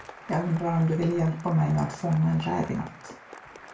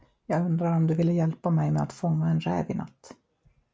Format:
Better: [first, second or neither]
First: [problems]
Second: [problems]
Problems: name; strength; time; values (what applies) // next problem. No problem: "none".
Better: second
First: background sound (Applause); 18 dB below the speech // room echo; dies away in 0.3 s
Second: none